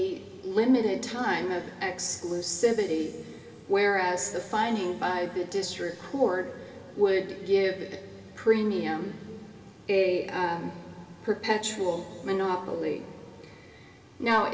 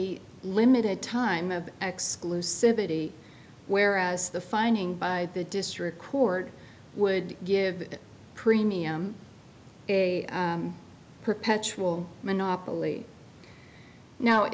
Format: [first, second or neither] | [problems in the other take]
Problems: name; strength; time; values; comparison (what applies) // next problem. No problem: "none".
second | room echo; dies away in 2.3 s